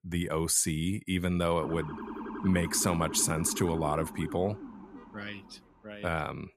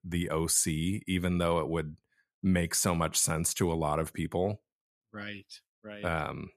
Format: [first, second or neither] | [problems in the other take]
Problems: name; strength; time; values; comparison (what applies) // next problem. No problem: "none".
second | siren; noticeable; from 1.5 to 5.5 s; peak 9 dB below the speech